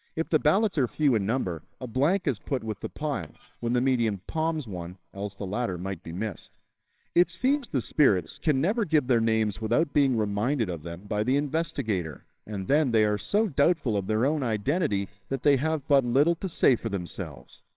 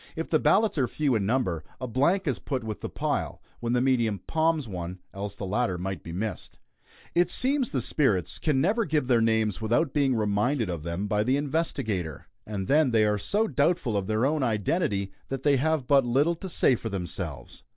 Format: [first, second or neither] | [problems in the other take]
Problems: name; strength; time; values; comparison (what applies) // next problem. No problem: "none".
second | noise reduction (neural separator model SepFormer WHAMR!)